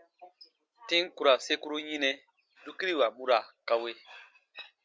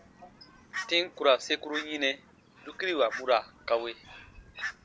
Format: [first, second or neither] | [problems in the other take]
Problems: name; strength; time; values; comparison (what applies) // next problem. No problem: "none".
first | background sound (Fowl); 13 dB below the speech